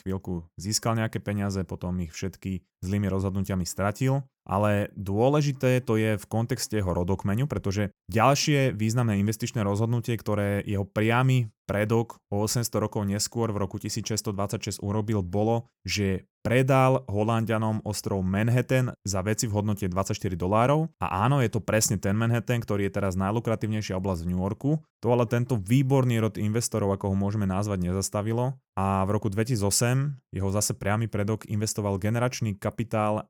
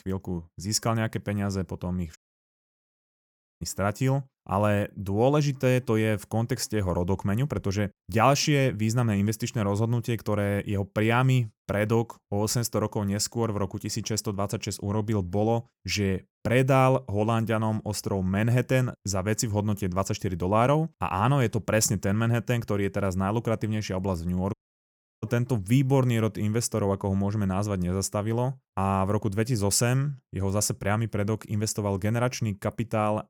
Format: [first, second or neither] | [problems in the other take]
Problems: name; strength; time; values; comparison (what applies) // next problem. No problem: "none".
first | audio cutting out; at 2 s for 1.5 s and at 25 s for 0.5 s